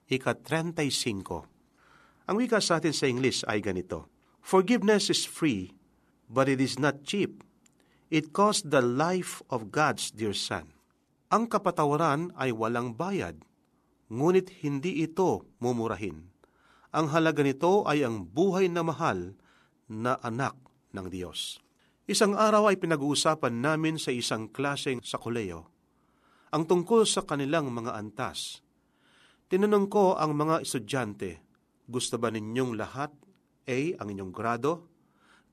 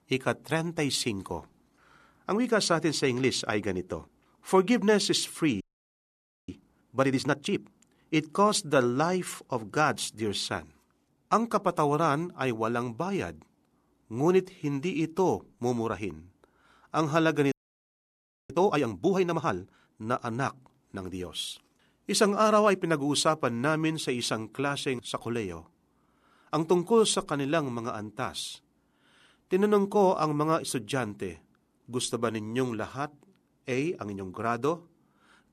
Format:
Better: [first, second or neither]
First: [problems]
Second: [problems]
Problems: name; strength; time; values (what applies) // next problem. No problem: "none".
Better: first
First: none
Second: audio freezing; at 5.5 s for 1 s and at 18 s for 1 s